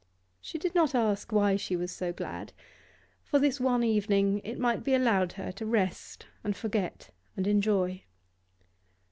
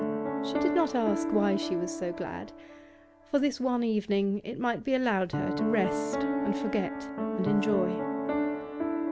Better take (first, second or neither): first